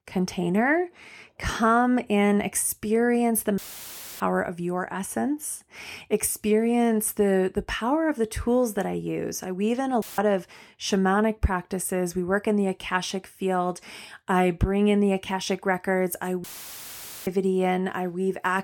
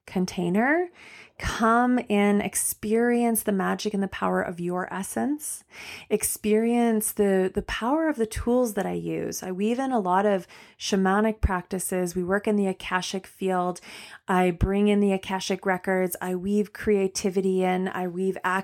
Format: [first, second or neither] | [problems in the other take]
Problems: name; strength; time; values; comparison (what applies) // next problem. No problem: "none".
second | audio cutting out; filled with static; at 3.5 s for 0.5 s, at 10 s and at 16 s for 1 s